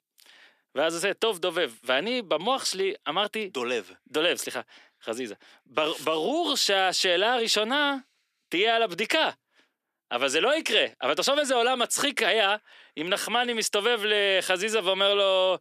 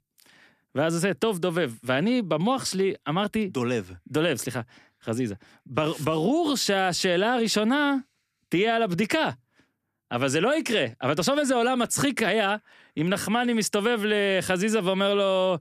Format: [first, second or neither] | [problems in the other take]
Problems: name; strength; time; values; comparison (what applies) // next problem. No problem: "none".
second | thin; somewhat; fading below 450 Hz